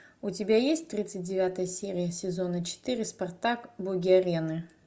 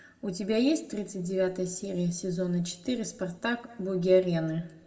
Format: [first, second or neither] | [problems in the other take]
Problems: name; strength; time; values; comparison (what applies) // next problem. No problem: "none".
first | room echo; dies away in 0.8 s